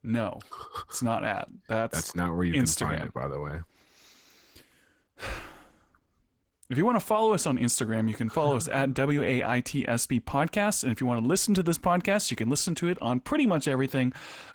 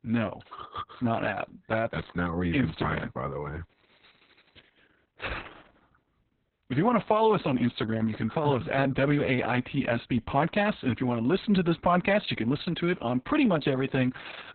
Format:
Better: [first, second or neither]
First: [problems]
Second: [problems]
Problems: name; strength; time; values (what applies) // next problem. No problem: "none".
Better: first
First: garbled, watery; slightly; nothing above 19 kHz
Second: garbled, watery; badly; nothing above 4 kHz